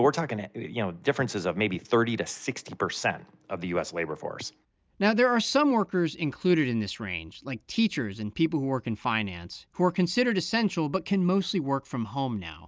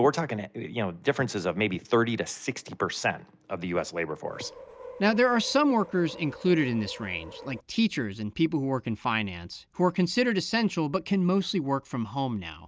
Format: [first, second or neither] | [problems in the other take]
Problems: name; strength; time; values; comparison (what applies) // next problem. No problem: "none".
first | background sound (Subway, metro, underground); 17 dB below the speech